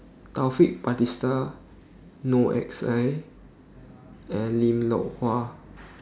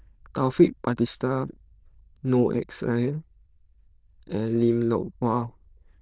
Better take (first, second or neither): first